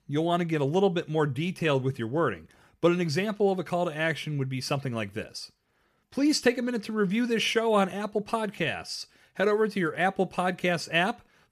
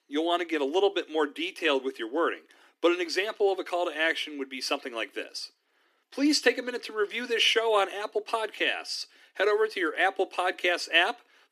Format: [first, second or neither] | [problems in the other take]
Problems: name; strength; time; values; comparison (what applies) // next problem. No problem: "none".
first | thin; somewhat; fading below 250 Hz